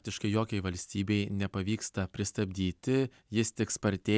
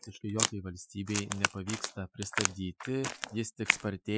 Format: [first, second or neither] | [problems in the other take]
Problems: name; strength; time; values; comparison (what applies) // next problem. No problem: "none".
first | noise reduction (classical method Wiener filter)